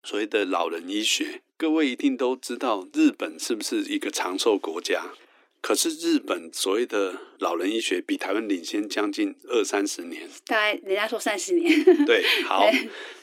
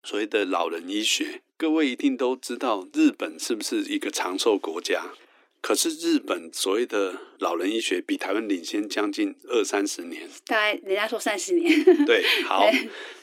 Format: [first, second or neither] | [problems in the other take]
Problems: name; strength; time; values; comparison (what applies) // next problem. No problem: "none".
neither | thin; somewhat; fading below 300 Hz; the same in both